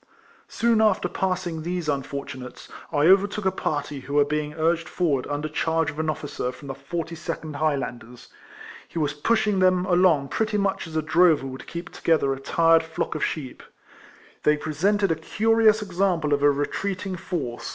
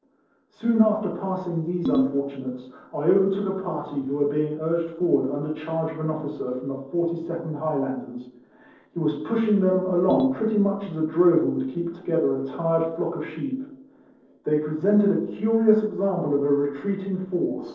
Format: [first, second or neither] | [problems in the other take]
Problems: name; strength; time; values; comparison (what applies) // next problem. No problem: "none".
first | noise reduction (neural separator model SepFormer DNS4)